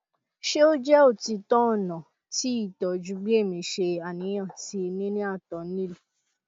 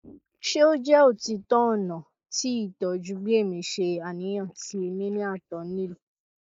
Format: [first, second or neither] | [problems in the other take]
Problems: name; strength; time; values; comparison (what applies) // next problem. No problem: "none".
first | noise reduction (neural mask model Resemble Enhance denoiser)